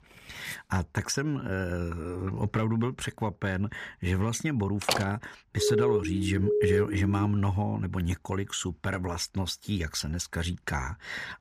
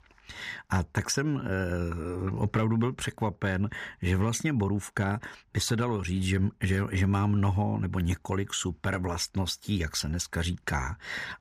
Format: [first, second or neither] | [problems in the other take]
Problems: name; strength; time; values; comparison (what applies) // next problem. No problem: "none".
second | clattering dishes; faint; at the start; peak 10 dB below the speech // door banging; loud; at 5 s; peak 1 dB above the speech // siren; loud; from 5.5 to 7.5 s; peak 5 dB above the speech